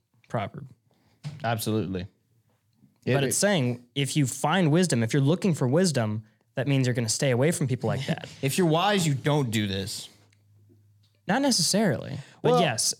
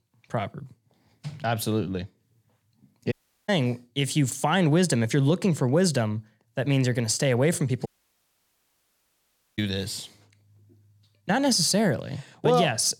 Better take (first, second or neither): first